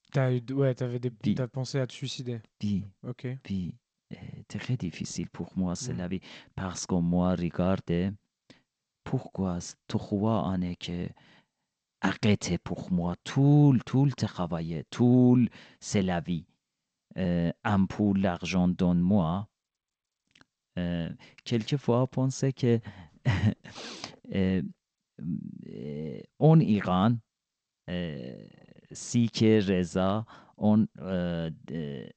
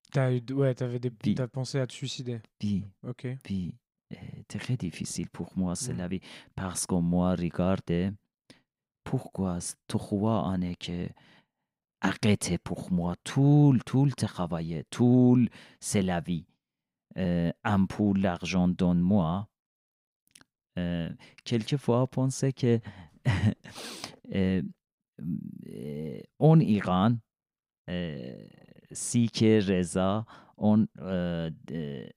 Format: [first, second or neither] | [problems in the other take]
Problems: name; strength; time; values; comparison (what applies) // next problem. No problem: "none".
second | garbled, watery; slightly; nothing above 8 kHz